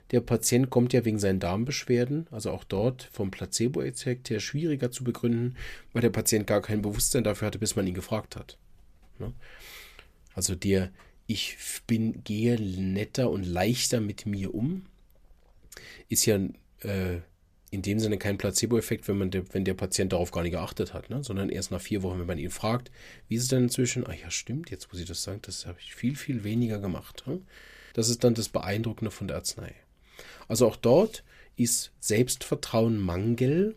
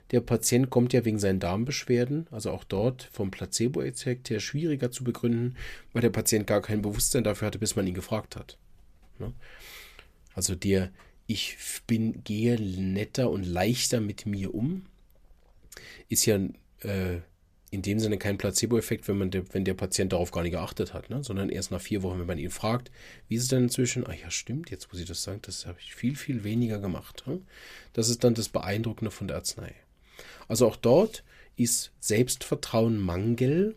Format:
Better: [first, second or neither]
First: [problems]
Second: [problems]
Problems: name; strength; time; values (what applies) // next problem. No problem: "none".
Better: second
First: audio freezing; at 28 s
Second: none